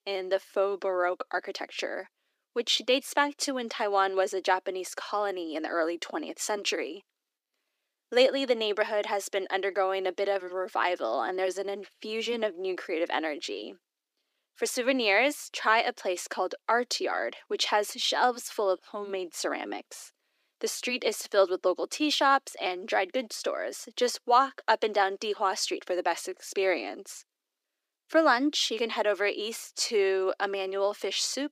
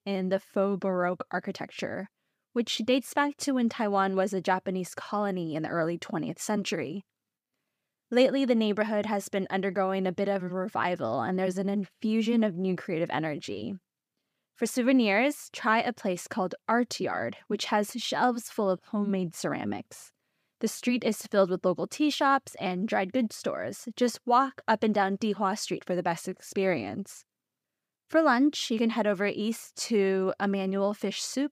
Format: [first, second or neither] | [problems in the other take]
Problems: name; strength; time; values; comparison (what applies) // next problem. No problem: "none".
second | thin; somewhat; fading below 300 Hz